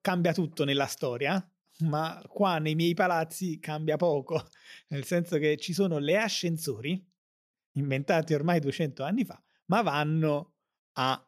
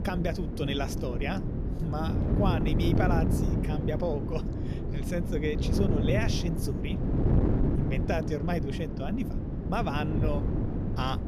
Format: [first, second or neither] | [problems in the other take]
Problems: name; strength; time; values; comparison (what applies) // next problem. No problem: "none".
first | wind noise on the microphone; heavy; 3 dB below the speech